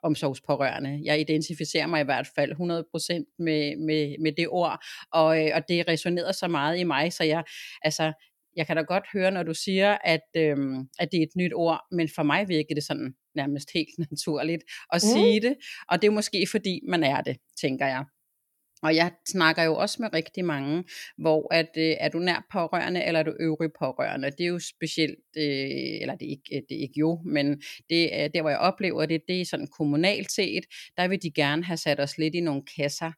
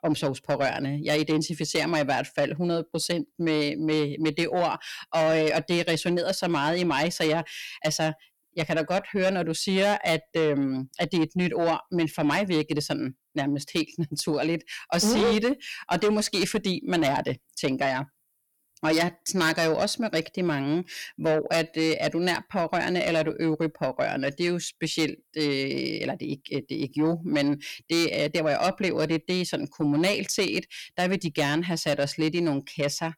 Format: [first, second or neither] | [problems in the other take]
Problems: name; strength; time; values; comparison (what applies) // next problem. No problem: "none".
first | distortion; slight; 10 dB below the speech